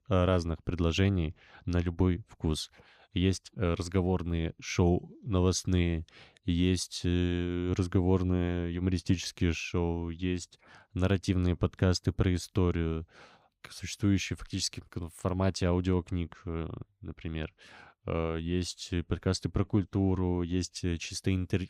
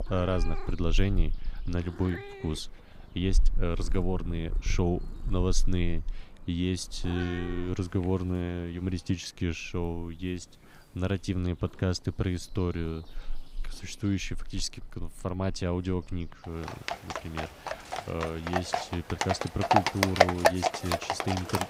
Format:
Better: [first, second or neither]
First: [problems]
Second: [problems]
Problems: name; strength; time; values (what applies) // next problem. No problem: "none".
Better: first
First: none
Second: animal sounds; loud; throughout; as loud as the speech